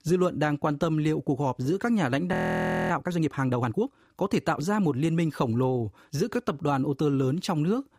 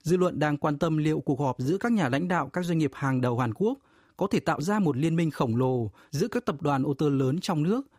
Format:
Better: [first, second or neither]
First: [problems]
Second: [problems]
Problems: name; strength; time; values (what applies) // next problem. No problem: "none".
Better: second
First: audio freezing; at 2.5 s for 0.5 s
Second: none